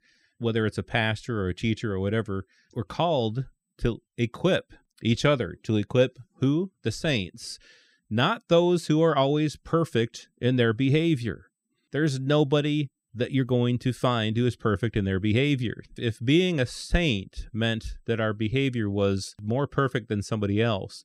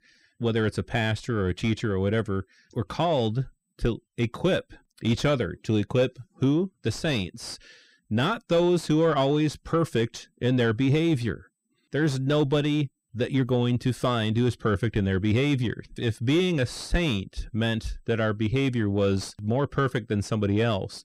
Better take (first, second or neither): first